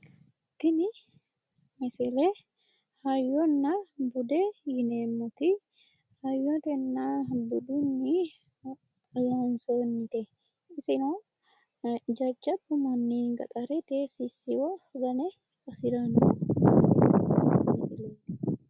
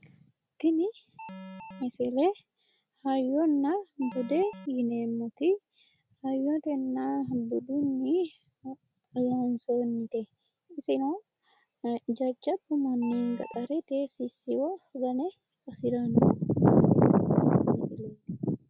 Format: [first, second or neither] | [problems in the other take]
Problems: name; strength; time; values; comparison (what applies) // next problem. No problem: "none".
first | background sound (Alarm); 14 dB below the speech